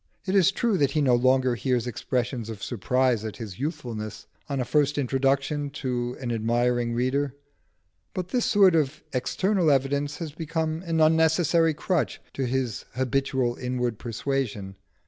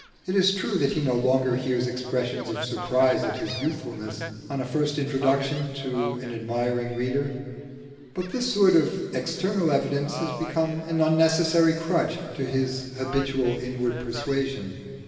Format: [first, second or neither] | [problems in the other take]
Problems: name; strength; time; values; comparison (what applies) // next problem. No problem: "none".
first | background sound (Gull, seagull); 16 dB below the speech // room echo; dies away in 2.4 s